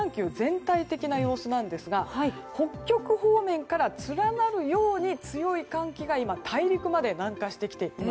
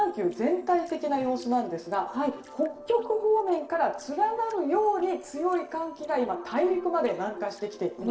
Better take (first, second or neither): first